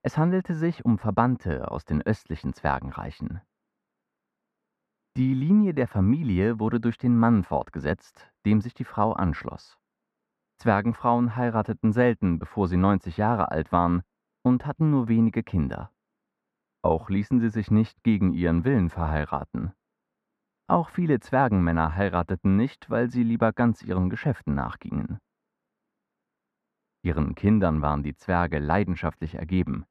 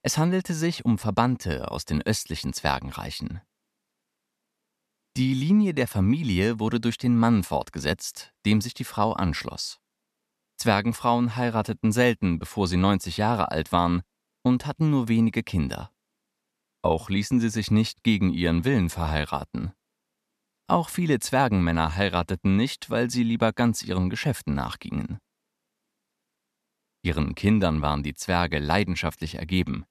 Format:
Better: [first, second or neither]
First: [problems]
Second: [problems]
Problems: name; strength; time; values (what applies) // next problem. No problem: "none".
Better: second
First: muffled; very; fading above 3 kHz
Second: none